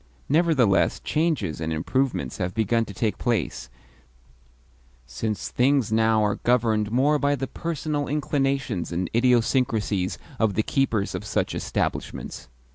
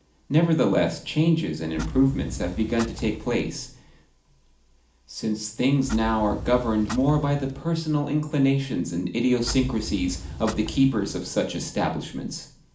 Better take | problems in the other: first | background sound (Clock); 10 dB below the speech // room echo; dies away in 0.4 s

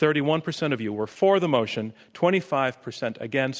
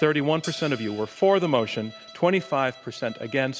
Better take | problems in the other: first | background sound (Bowed string instrument + Hi-hat); 19 dB below the speech

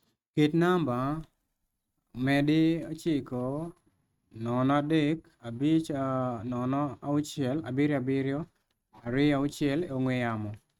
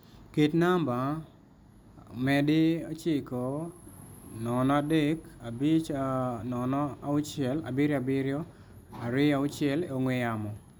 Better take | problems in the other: second | noise reduction (neural mask model RNNoise)

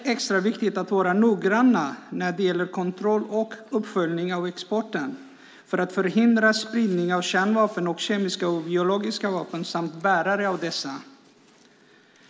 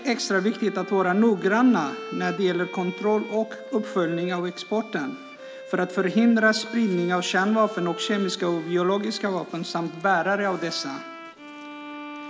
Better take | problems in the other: first | background sound (Bowed string instrument); 15 dB below the speech

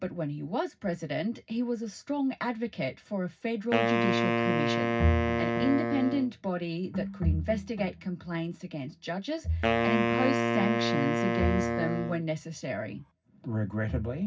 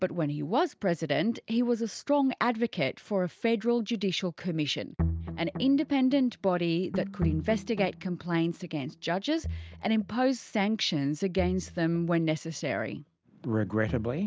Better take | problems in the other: second | background sound (Wind instrument, woodwind instrument); 2 dB above the speech // room echo; dies away in 0.4 s

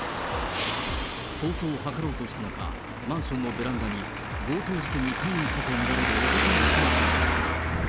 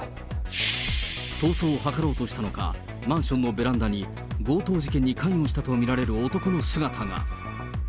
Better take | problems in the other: second | background sound (Traffic noise, roadway noise); 3 dB above the speech

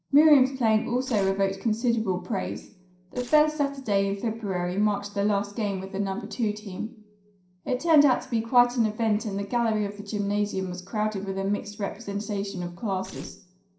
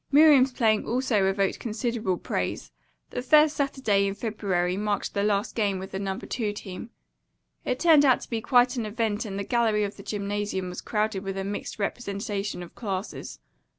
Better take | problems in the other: second | noise reduction (neural separator model SepFormer DNS4)

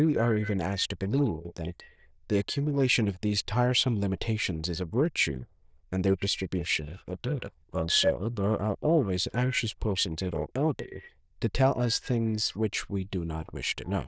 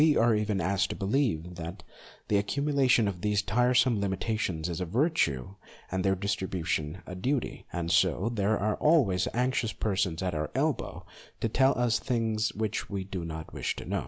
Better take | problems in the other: second | noise reduction (neural diffusion model UNIVERSE++)

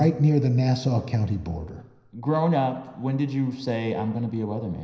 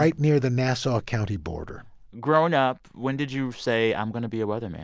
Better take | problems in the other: second | room echo; dies away in 0.9 s

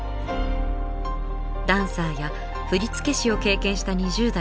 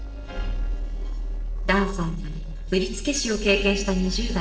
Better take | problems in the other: first | noise reduction (neural separator model SepFormer DNS4)

